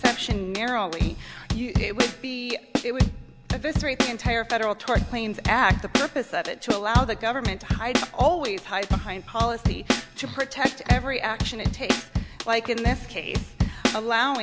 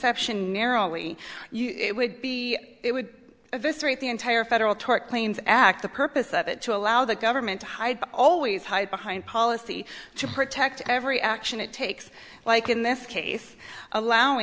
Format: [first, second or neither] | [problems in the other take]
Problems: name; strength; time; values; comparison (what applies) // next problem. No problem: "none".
second | background sound (Drum kit); as loud as the speech